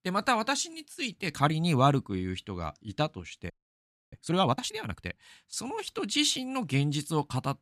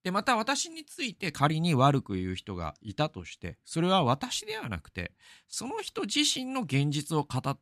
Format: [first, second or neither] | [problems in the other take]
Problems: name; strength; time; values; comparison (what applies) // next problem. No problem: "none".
second | audio freezing; at 3.5 s for 0.5 s